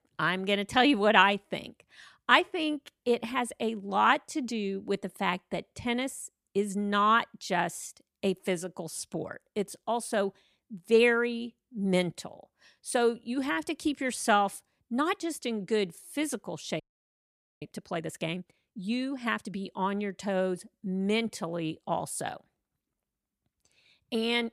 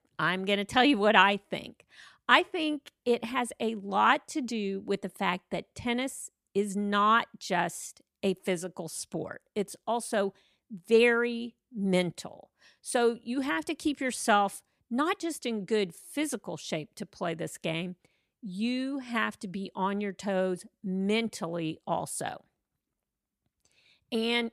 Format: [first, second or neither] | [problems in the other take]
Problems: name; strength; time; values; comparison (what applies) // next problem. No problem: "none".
second | audio freezing; at 17 s for 1 s